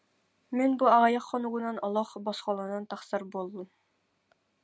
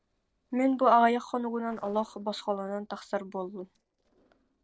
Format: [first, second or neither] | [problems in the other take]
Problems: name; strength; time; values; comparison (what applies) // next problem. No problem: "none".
first | noise reduction (neural separator model SepFormer DNS4)